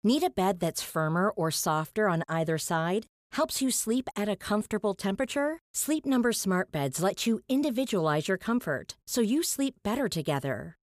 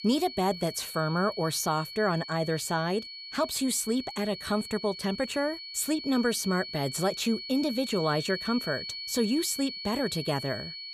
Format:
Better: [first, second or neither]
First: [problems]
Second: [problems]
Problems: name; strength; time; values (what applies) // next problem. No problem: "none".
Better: first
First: none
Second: high-pitched whine; loud; throughout; 4.5 kHz, 8 dB below the speech